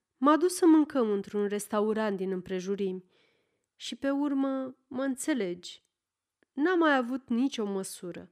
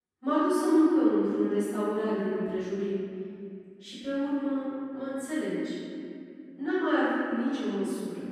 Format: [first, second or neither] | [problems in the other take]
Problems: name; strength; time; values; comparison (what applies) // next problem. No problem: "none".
first | room echo; strong; dies away in 2.4 s // off-mic speech; far